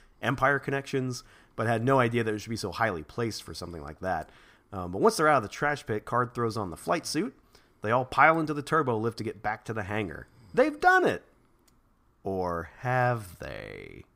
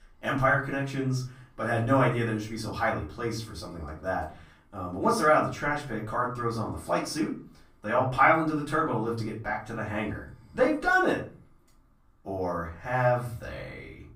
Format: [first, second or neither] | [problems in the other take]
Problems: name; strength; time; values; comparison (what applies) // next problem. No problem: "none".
first | off-mic speech; far // room echo; slight; dies away in 0.4 s